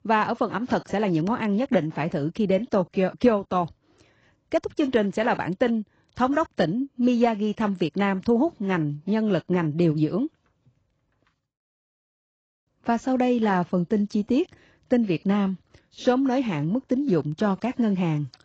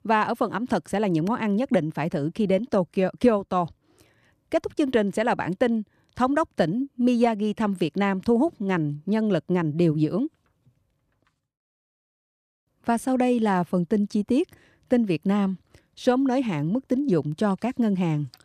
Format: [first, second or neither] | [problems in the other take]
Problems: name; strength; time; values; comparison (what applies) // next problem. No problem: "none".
second | garbled, watery; badly; nothing above 7.5 kHz